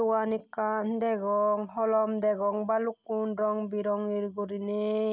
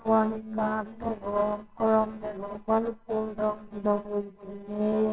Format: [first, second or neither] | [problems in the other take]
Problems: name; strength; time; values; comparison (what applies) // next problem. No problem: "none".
first | noise reduction (neural separator model SepFormer WHAMR!)